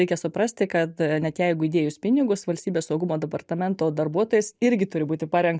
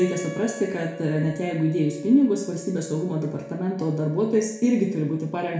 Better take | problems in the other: first | background sound (Wind instrument, woodwind instrument); 17 dB below the speech // room echo; dies away in 0.6 s

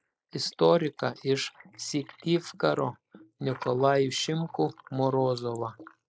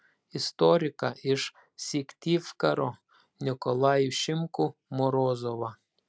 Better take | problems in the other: second | noise reduction (neural mask model Resemble Enhance denoiser)

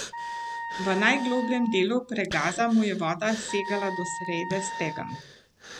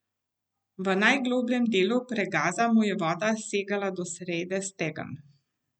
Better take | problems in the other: second | background sound (Wind instrument, woodwind instrument + Breathing); 9 dB below the speech

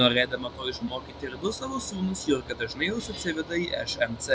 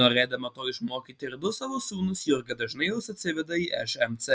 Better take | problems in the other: second | background sound (Mechanical fan); 14 dB below the speech

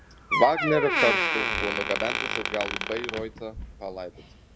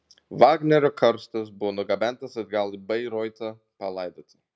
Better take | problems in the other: second | background sound (Door); as loud as the speech

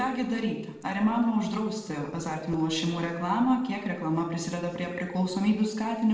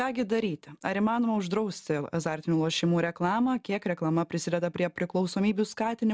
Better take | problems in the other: second | noise reduction (neural separator model SepFormer DNS4)

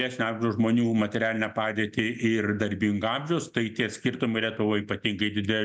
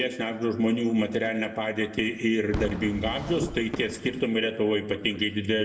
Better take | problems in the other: first | background sound (Whoosh, swoosh, swish / Fireworks); 13 dB below the speech // room echo; dies away in 1.1 s

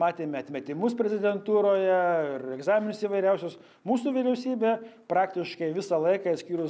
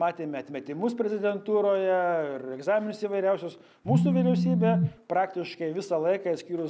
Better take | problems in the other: first | background sound (Telephone); 3 dB above the speech

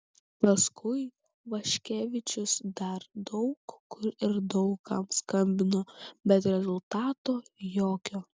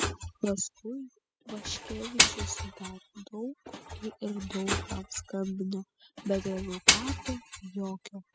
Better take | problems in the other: first | noise reduction (classical method spectral subtraction)

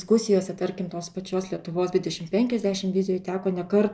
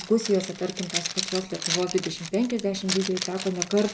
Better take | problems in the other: first | background sound (Zipper (clothing)); 6 dB below the speech

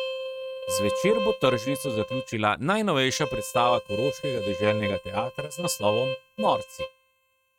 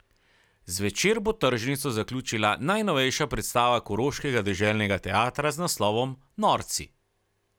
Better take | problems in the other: second | noise reduction (neural mask model RNNoise)

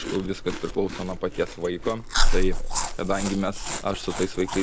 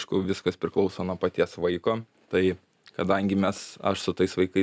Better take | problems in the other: second | background sound (Chewing, mastication); 3 dB above the speech

